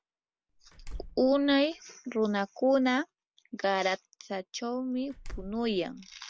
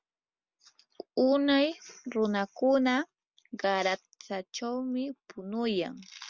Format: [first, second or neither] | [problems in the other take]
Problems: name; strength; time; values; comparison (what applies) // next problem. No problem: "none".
second | background sound (Slam); 14 dB below the speech